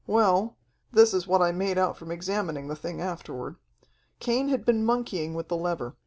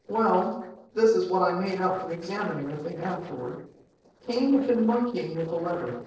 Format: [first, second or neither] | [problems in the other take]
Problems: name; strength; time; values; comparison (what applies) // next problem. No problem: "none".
first | noise reduction (neural separator model SepFormer DNS4)